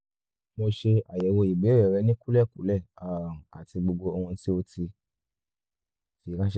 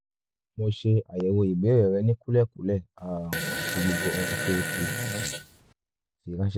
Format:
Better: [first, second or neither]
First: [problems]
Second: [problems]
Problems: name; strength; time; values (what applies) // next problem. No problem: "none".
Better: first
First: none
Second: background sound (Fart); 4 dB below the speech